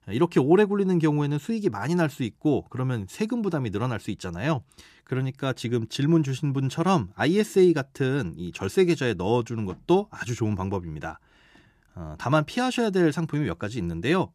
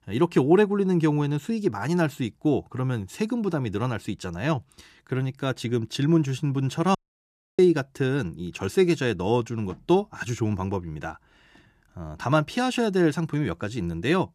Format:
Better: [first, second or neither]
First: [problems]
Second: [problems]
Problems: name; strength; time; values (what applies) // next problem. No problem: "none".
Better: first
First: none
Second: audio cutting out; at 7 s for 0.5 s